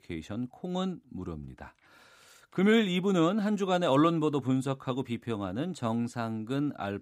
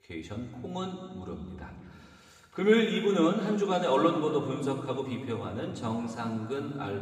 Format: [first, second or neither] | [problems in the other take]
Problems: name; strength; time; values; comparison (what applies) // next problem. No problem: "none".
first | room echo; noticeable; dies away in 2 s // off-mic speech; somewhat distant